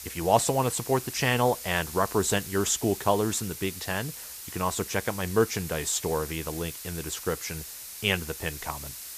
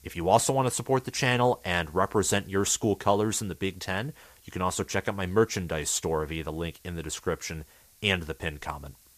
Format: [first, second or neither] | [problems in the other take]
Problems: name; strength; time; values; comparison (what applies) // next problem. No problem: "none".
second | hiss; loud; throughout; 10 dB below the speech; faint in the second